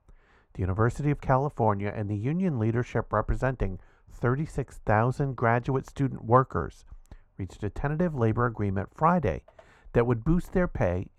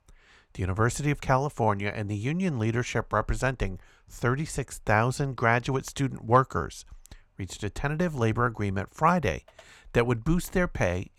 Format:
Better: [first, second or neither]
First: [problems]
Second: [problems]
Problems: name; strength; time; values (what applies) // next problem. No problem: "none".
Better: second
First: muffled; slightly; fading above 2 kHz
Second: none